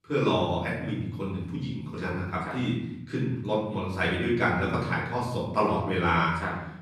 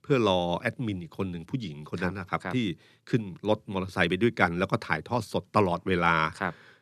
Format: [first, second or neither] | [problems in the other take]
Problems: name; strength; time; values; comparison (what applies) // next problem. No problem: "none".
second | off-mic speech; far // room echo; noticeable; dies away in 0.9 s